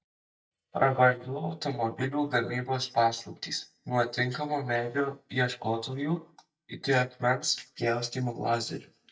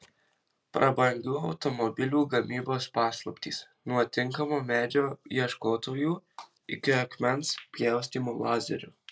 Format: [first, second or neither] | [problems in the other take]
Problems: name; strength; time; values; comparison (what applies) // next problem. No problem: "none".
second | noise reduction (neural mask model DeepFilterNet 3)